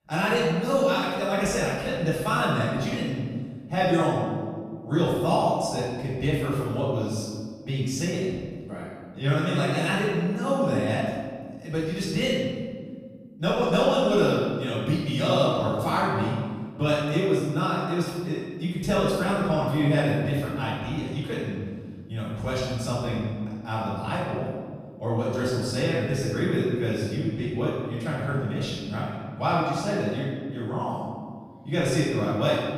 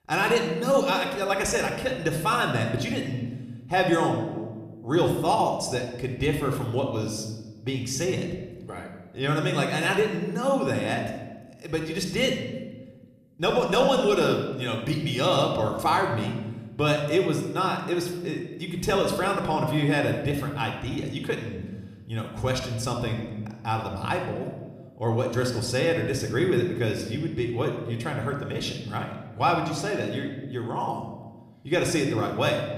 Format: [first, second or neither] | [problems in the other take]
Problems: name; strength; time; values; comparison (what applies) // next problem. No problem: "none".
second | room echo; strong; dies away in 1.6 s; slight in the second // off-mic speech; far